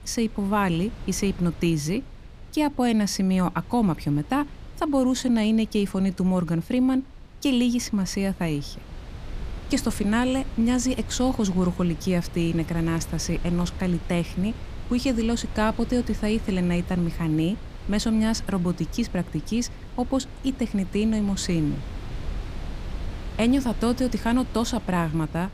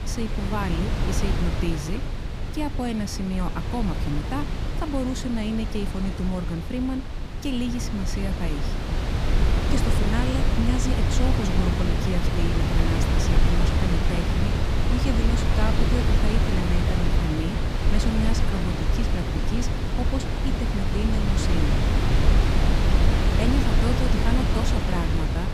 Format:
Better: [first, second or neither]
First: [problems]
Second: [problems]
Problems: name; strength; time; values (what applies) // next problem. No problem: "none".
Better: first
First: wind noise on the microphone; occasional gusts; 15 dB below the speech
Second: wind noise on the microphone; heavy; 2 dB above the speech